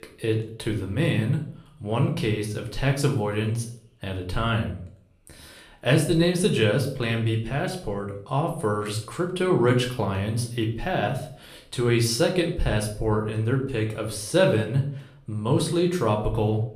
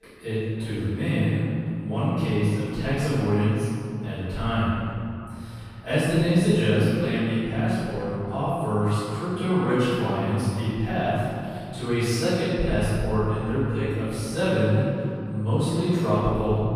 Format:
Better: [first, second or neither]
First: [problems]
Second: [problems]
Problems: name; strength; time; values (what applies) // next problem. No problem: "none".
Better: first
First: room echo; slight; dies away in 0.4 s // off-mic speech; somewhat distant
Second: room echo; strong; dies away in 2.7 s // off-mic speech; far